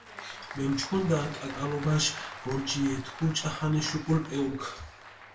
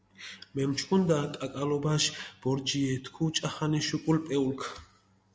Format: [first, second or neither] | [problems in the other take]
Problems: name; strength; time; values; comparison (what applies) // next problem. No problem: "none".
second | background sound (Applause); 13 dB below the speech // room echo; dies away in 0.2 s